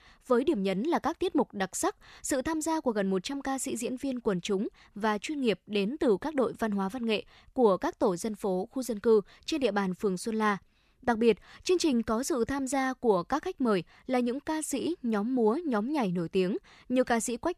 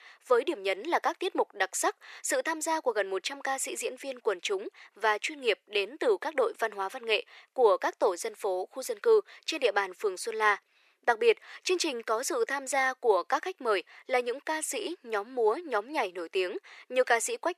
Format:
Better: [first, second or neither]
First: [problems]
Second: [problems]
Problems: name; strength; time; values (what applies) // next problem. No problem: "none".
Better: first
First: none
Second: thin; very; fading below 400 Hz